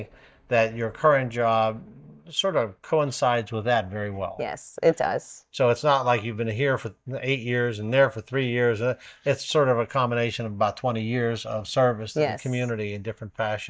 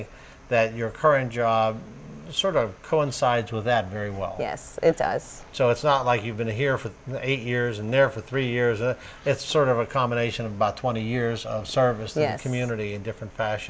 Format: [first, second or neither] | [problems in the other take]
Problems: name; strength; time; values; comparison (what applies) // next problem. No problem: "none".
second | noise reduction (neural mask model DeepFilterNet 3)